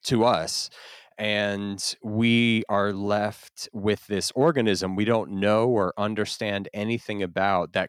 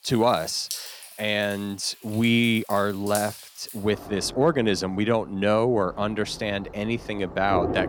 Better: first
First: none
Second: rain or running water; noticeable; throughout; 15 dB below the speech

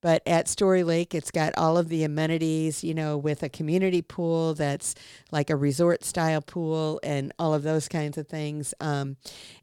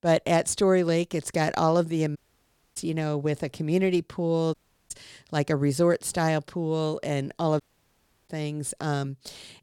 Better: first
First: none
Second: audio cutting out; at 2 s for 0.5 s, at 4.5 s and at 7.5 s for 0.5 s

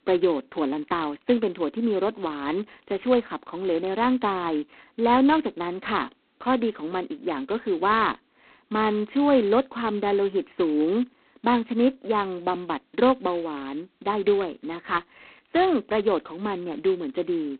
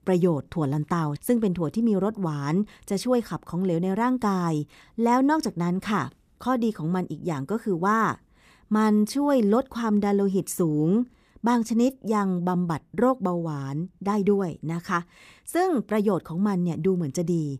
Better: second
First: phone-call audio; poor line; nothing above 4 kHz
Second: none

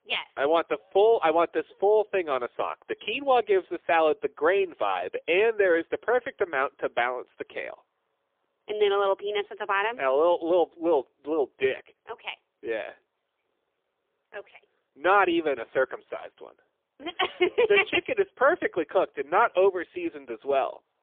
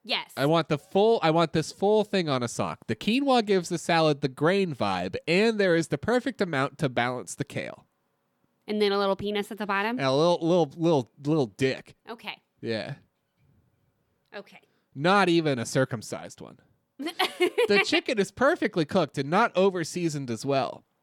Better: second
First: phone-call audio; poor line; nothing above 3.5 kHz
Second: none

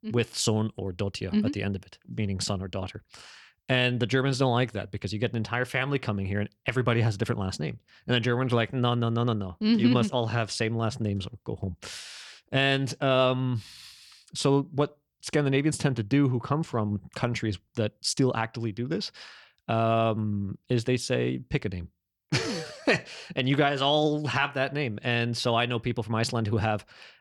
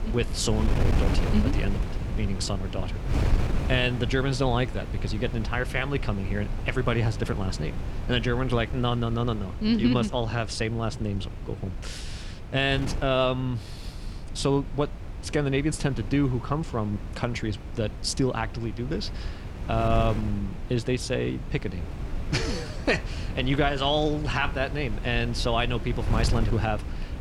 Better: first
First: none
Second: wind noise on the microphone; occasional gusts; 10 dB below the speech

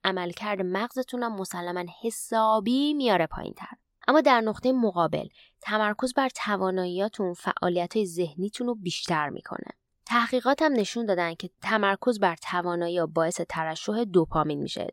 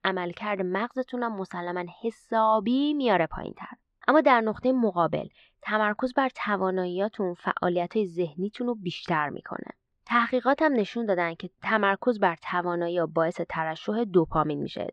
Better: first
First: none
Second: muffled; slightly; fading above 2.5 kHz

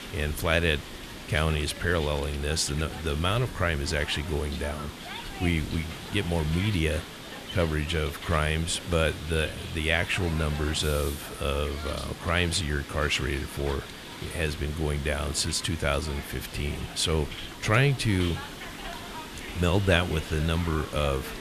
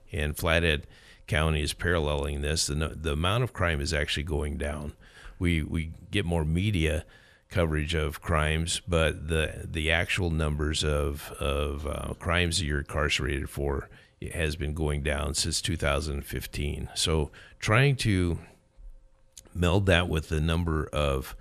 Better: second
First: hiss; noticeable; throughout; 10 dB below the speech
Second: none

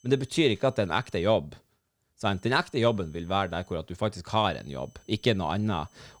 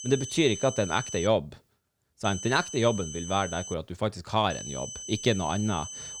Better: first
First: high-pitched whine; faint; until 1.5 s, from 2 to 3.5 s and from 4.5 s on; 6 kHz, 35 dB below the speech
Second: high-pitched whine; loud; until 1.5 s, from 2 to 3.5 s and from 4.5 s on; 6 kHz, 9 dB below the speech

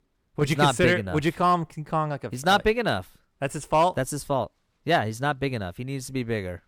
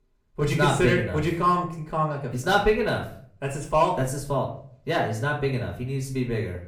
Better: first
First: none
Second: off-mic speech; far // room echo; slight; dies away in 0.4 s

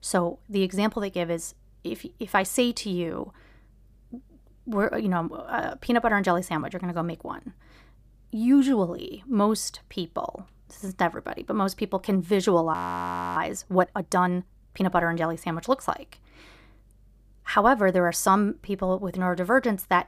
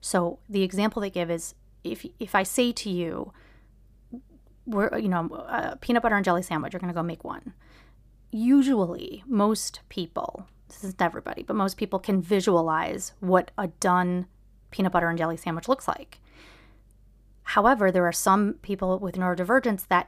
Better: second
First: audio freezing; at 13 s for 0.5 s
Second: none

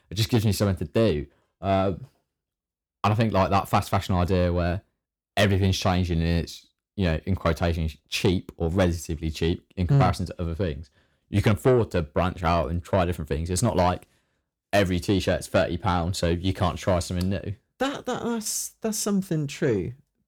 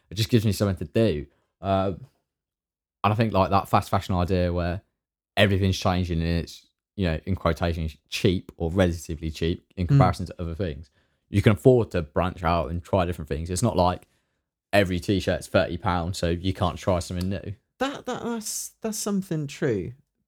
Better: second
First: distortion; slight; 10 dB below the speech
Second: none

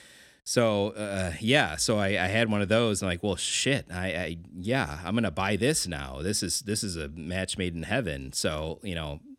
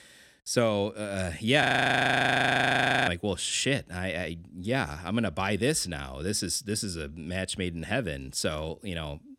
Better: first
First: none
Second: audio freezing; at 1.5 s for 1.5 s

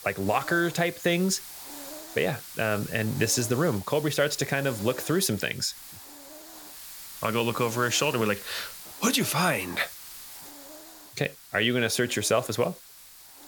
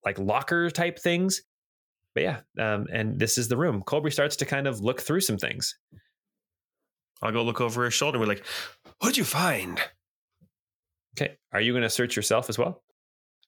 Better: second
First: hiss; noticeable; throughout; 15 dB below the speech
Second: none

